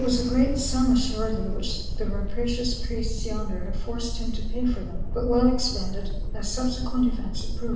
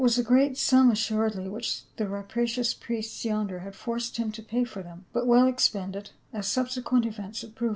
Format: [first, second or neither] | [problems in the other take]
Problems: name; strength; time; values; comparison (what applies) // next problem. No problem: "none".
second | background sound (Thunderstorm); 1 dB above the speech // room echo; dies away in 0.9 s